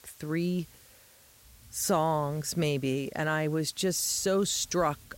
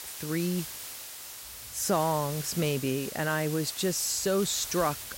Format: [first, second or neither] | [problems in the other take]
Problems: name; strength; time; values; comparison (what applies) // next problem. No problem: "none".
first | hiss; loud; throughout; 8 dB below the speech; faint in the first